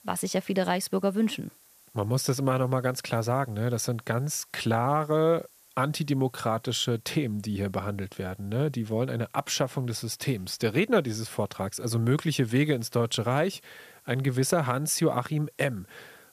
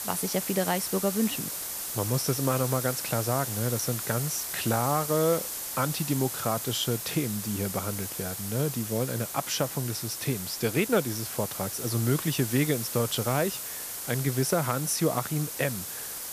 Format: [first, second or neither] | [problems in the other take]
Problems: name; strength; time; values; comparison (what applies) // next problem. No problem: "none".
first | hiss; loud; throughout; 4 dB below the speech; faint in the first